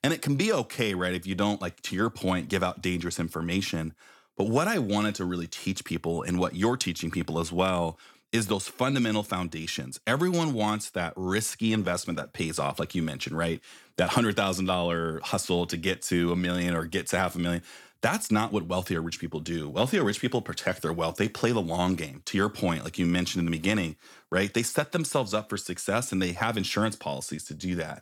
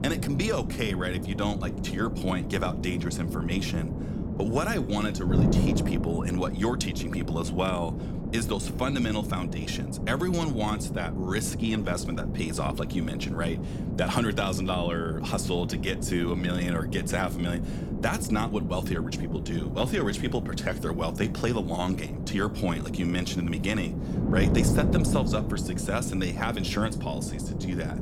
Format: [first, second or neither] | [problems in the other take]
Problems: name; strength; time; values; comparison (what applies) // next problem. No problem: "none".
first | wind noise on the microphone; heavy; 7 dB below the speech